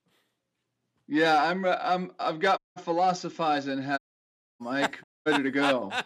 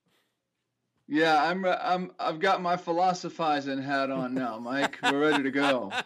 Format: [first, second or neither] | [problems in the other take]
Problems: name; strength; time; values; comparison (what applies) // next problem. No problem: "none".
second | audio cutting out; at 2.5 s, at 4 s for 0.5 s and at 5 s